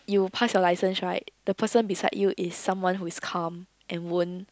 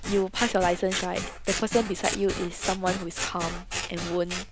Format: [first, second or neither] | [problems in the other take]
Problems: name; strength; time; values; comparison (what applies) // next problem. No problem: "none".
first | background sound (Scissors); 6 dB below the speech